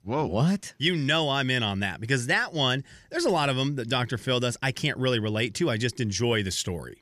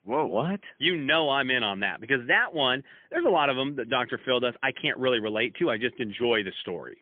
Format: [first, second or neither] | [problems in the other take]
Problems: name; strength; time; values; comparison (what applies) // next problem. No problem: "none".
first | phone-call audio; poor line; nothing above 3.5 kHz